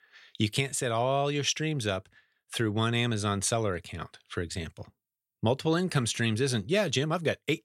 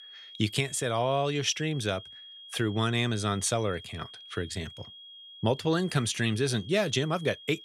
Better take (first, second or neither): first